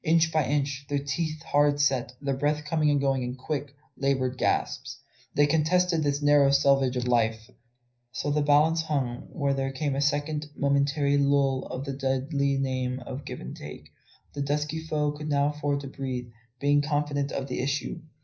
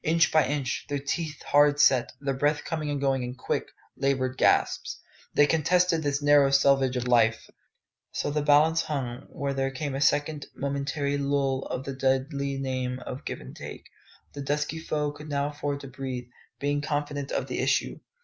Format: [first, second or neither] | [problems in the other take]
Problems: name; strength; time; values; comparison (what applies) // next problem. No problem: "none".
second | room echo; dies away in 0.4 s